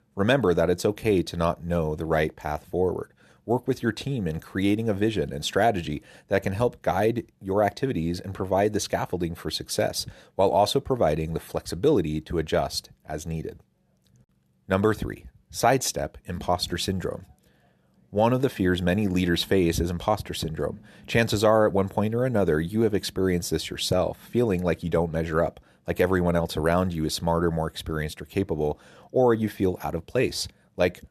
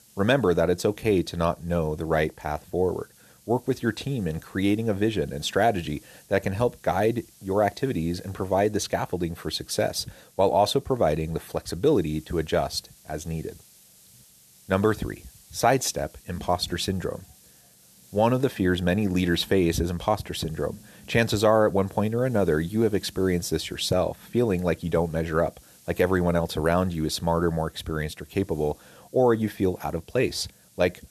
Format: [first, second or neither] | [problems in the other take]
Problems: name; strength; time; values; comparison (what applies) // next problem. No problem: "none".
first | hiss; faint; throughout; 25 dB below the speech